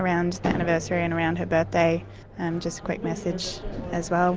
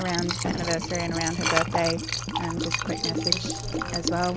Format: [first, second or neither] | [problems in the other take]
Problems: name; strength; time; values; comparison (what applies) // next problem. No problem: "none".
first | background sound (Liquid); as loud as the speech